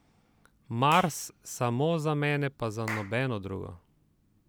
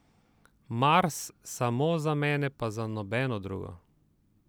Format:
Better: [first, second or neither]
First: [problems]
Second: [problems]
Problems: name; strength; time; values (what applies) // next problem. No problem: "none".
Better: second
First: background sound (Clapping / Chirp, tweet); 17 dB below the speech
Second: none